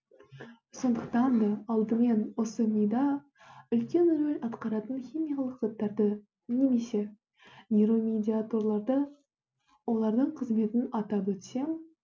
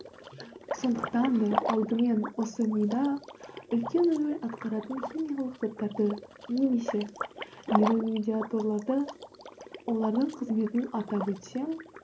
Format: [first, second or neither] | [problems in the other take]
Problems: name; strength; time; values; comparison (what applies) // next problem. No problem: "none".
first | background sound (Liquid); 9 dB below the speech